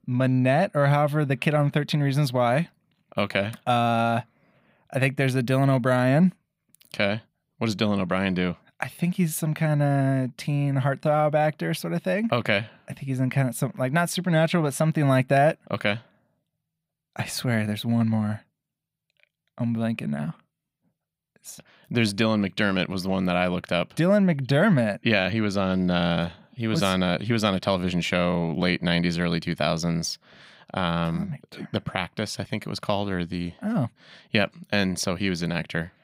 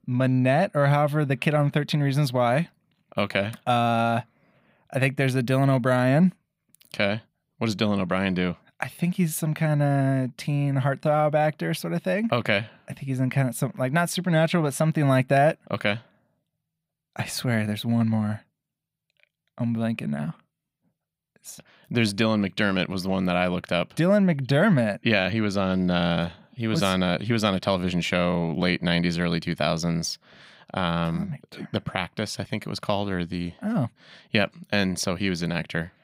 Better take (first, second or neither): neither